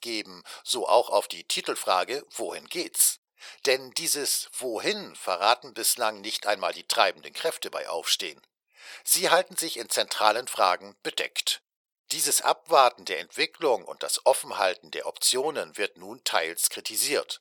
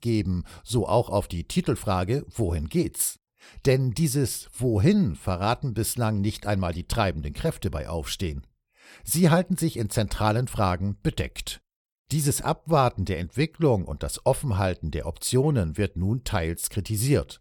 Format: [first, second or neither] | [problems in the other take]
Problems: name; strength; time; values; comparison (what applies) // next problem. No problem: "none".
second | thin; very; fading below 550 Hz